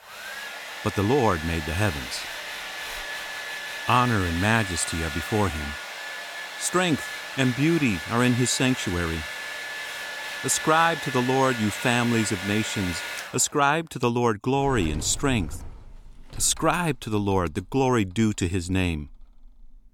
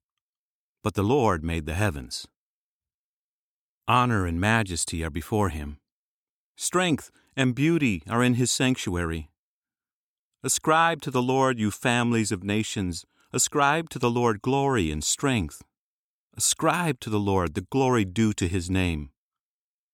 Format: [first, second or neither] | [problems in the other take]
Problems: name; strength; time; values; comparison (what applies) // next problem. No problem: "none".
second | household noises; loud; throughout; 8 dB below the speech